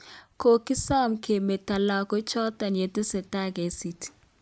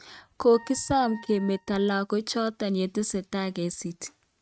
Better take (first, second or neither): first